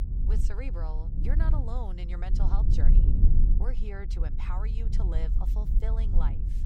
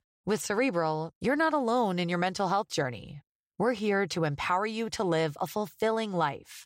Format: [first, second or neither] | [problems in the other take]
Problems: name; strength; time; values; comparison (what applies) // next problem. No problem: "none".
second | low rumble; loud; throughout; 3 dB below the speech